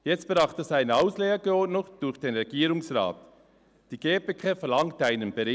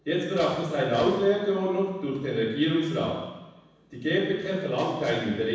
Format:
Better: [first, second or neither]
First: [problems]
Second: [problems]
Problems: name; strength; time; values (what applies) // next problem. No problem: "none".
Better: first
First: none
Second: room echo; dies away in 1.1 s